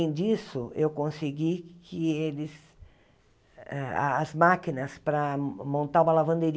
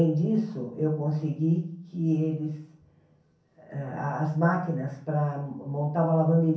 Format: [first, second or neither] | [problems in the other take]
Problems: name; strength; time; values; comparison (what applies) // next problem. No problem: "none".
first | room echo; dies away in 0.6 s